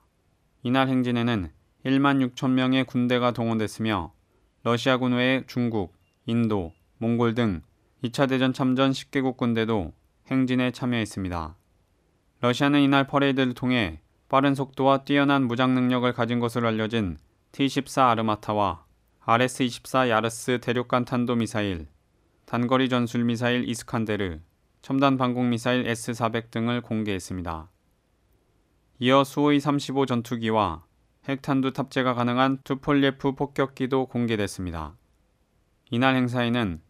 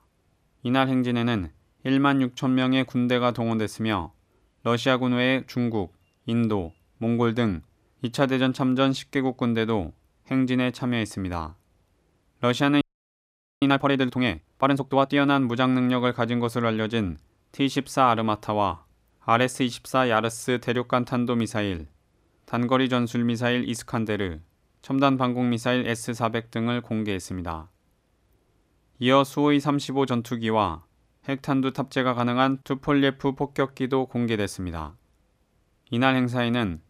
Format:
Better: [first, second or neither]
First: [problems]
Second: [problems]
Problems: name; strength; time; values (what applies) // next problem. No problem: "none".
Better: first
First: none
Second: audio freezing; at 13 s for 1 s